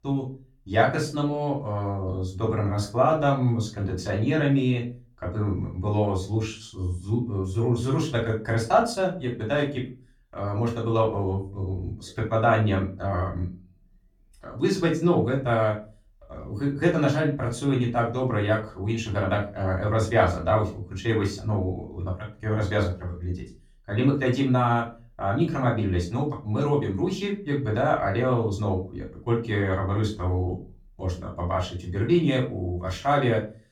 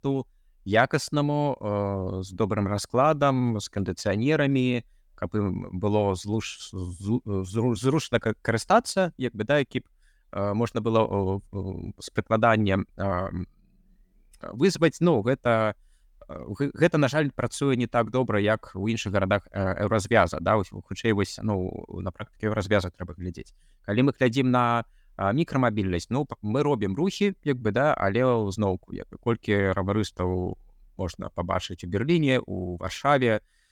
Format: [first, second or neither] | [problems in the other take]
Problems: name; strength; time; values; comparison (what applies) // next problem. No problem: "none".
second | off-mic speech; far // room echo; slight; dies away in 0.3 s